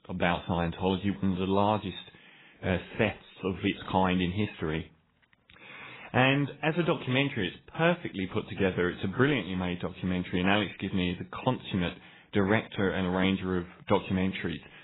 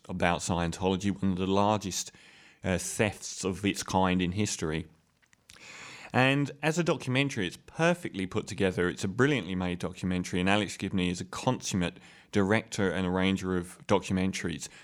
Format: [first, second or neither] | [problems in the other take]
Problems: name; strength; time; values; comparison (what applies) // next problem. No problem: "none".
second | garbled, watery; badly; nothing above 4 kHz